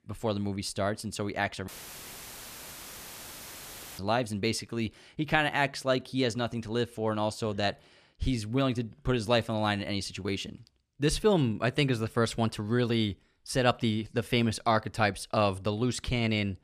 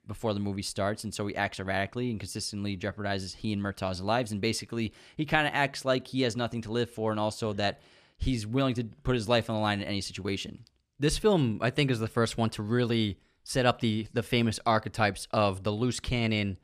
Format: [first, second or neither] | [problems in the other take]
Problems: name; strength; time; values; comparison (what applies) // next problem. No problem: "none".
second | audio cutting out; filled with static; at 1.5 s for 2.5 s